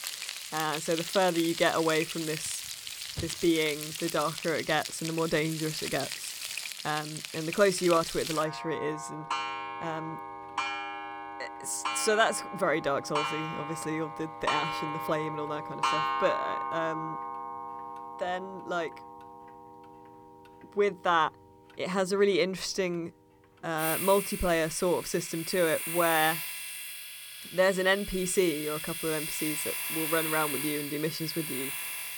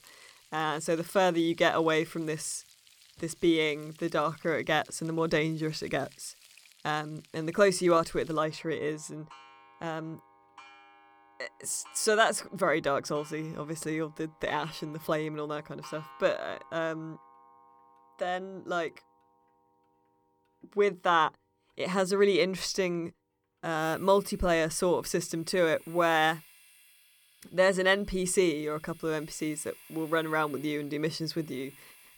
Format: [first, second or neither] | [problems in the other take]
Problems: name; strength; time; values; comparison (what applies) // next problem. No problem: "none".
second | household noises; loud; throughout; 5 dB below the speech; faint in the second